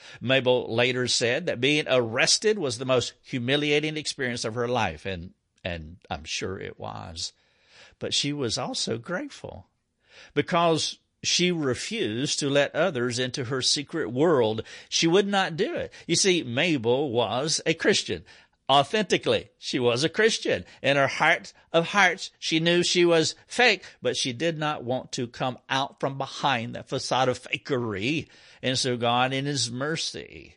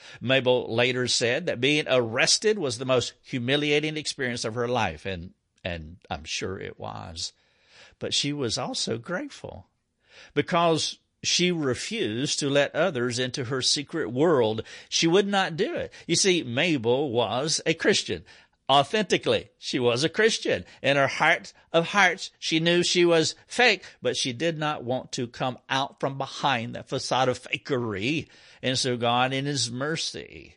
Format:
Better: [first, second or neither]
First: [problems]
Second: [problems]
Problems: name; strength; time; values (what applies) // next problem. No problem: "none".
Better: neither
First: garbled, watery; slightly; nothing above 10 kHz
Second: garbled, watery; slightly; nothing above 10 kHz